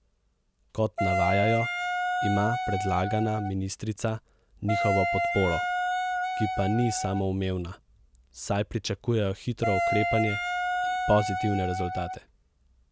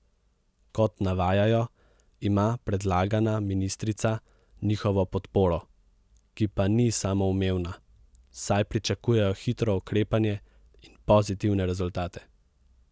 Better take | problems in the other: second | background sound (Wind instrument, woodwind instrument); as loud as the speech

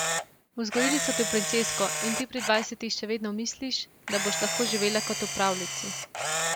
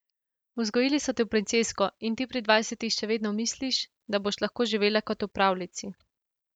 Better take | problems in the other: second | background sound (Camera); 2 dB below the speech

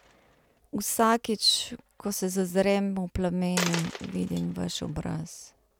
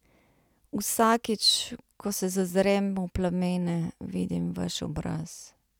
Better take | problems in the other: second | background sound (Coin (dropping)); 13 dB below the speech

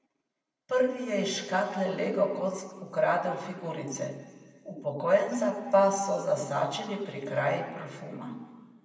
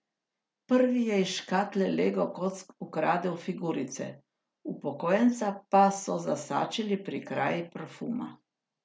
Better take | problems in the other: second | room echo; dies away in 1.7 s

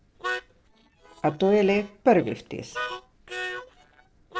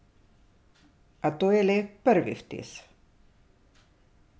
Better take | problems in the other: second | noise reduction (neural separator model SepFormer DNS4)

